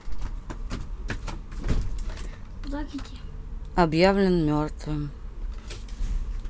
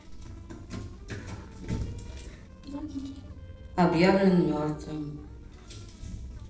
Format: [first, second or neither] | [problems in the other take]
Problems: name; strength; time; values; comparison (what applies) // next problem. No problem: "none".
first | noise reduction (neural separator model SepFormer DNS4)